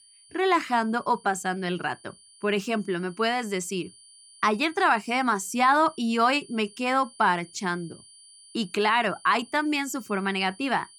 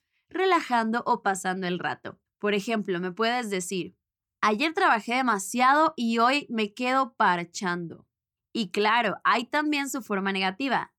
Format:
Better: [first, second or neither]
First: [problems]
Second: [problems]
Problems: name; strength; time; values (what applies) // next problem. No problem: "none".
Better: second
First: high-pitched whine; faint; throughout; 9.5 kHz, 25 dB below the speech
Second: none